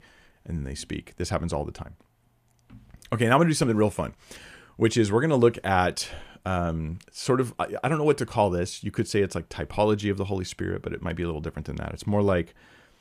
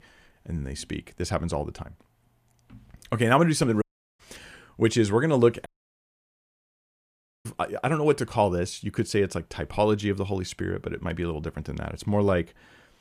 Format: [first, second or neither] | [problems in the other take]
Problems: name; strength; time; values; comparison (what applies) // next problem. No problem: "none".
first | audio cutting out; at 4 s and at 5.5 s for 2 s